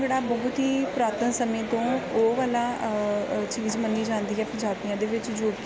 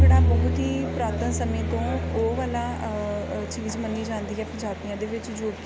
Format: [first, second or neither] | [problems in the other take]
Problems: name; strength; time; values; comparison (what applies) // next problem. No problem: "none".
first | background sound (Bowed string instrument); 3 dB above the speech